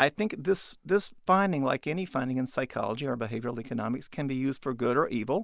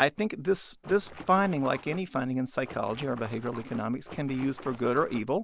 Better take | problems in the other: first | background sound (Water / Splash, splatter); 16 dB below the speech

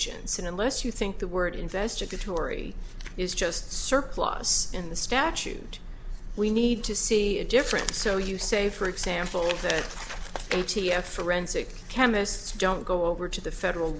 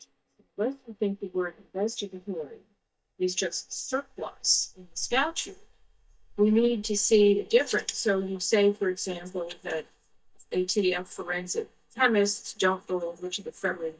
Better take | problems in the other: first | noise reduction (neural mask model DeepFilterNet 3)

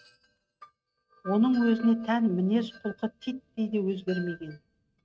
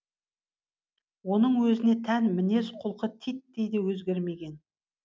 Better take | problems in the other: second | noise reduction (neural mask model RNNoise)

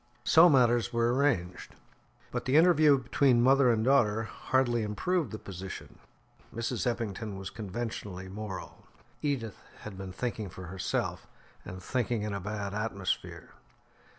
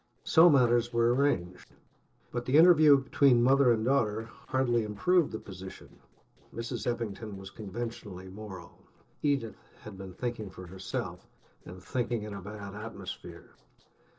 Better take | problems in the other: first | noise reduction (neural separator model SepFormer DNS4)

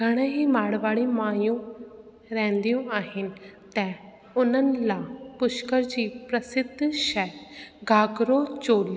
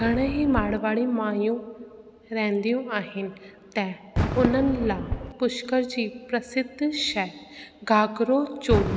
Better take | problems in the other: first | background sound (Fireworks); 8 dB below the speech

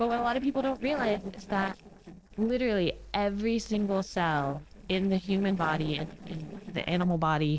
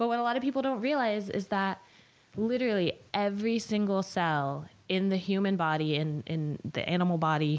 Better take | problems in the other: second | noise reduction (neural separator model SepFormer DNS4)

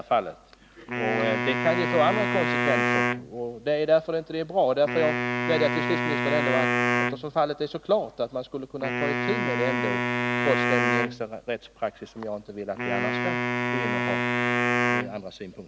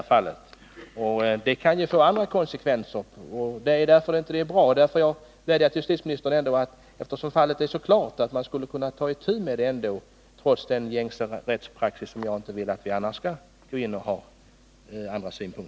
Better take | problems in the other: second | background sound (Wind instrument, woodwind instrument); 1 dB above the speech

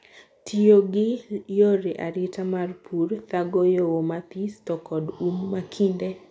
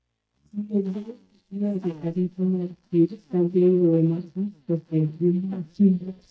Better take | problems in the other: first | noise reduction (neural mask model DeepFilterNet 3)

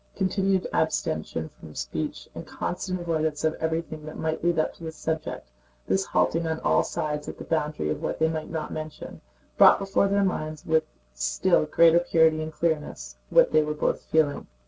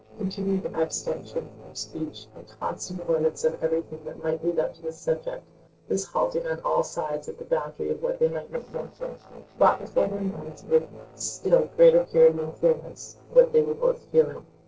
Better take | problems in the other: first | noise reduction (neural separator model SepFormer DNS4)

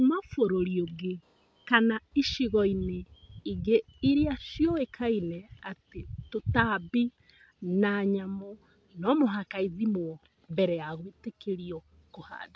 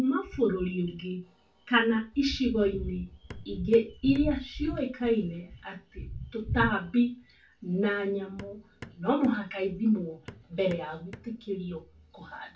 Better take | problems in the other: first | background sound (Hammer); 20 dB below the speech // room echo; dies away in 0.2 s

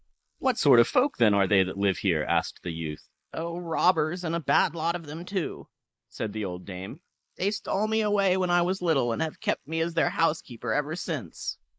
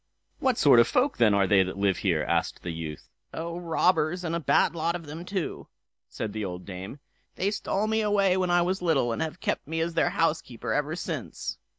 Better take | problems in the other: second | noise reduction (neural mask model Resemble Enhance denoiser)

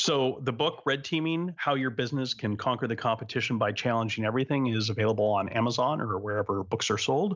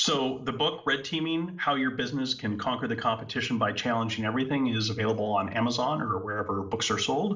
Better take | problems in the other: first | room echo; dies away in 0.4 s

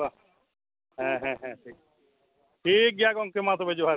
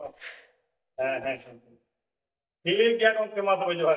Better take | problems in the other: first | noise reduction (neural mask model DeepFilterNet 3)

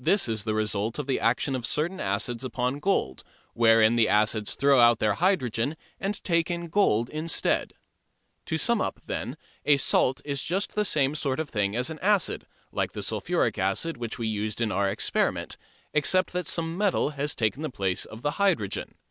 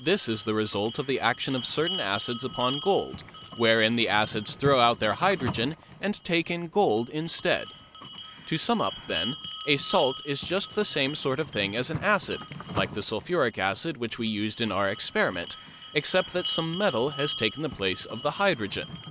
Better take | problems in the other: first | background sound (Bell); 12 dB below the speech

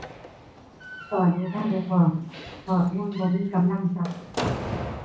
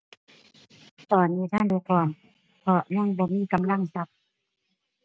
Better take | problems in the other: second | background sound (Slam); 10 dB below the speech // room echo; dies away in 0.6 s

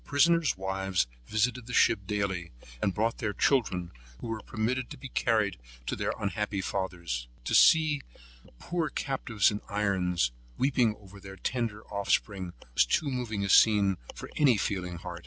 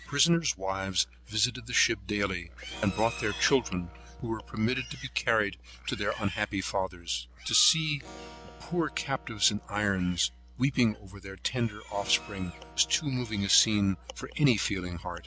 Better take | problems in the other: first | background sound (Livestock, farm animals, working animals + Acoustic guitar / Strum); 18 dB below the speech

